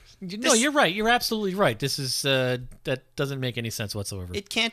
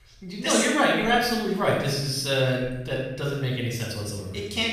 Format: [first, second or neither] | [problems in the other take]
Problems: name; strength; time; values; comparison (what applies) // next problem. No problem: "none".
first | off-mic speech; far // room echo; noticeable; dies away in 0.9 s